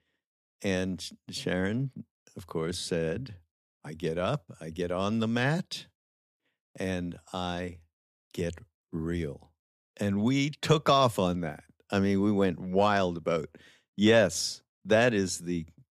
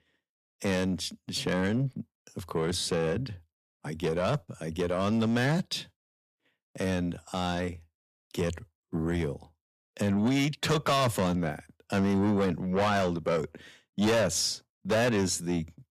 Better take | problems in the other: first | distortion; heavy; 7 dB below the speech

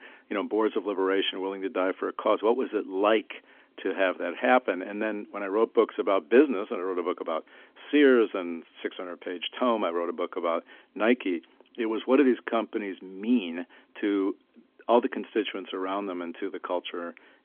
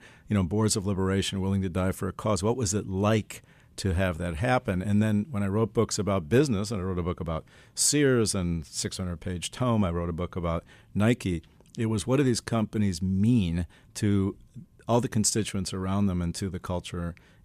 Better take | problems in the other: second | phone-call audio; nothing above 3.5 kHz

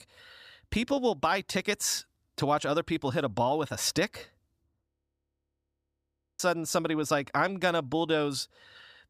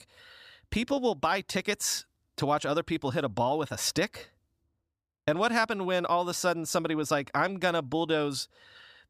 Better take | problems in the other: second | audio freezing; at 5 s for 1.5 s

